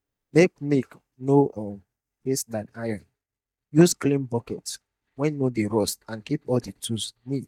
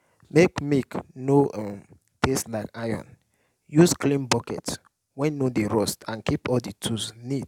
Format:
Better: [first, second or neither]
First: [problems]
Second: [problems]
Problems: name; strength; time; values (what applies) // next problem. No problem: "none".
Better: second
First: noise reduction (neural mask model DeepFilterNet 3)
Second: none